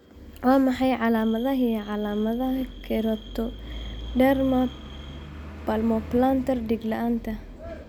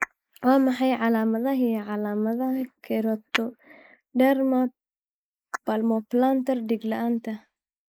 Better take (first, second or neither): first